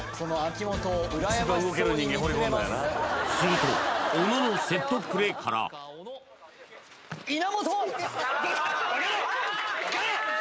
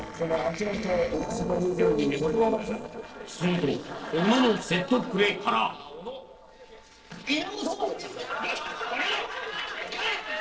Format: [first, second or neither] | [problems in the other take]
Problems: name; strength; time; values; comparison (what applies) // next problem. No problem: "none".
first | noise reduction (neural separator model SepFormer DNS4)